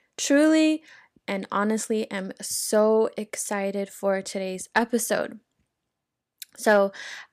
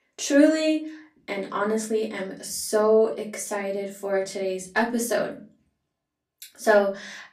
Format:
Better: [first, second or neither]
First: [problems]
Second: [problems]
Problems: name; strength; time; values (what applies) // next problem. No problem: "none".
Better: first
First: none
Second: off-mic speech; far // room echo; very slight; dies away in 0.3 s